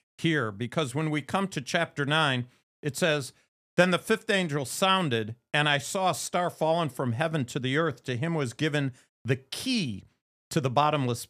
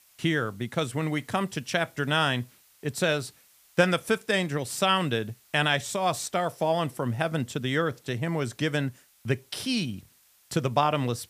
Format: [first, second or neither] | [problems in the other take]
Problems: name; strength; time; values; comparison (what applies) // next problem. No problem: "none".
first | hiss; faint; throughout; 30 dB below the speech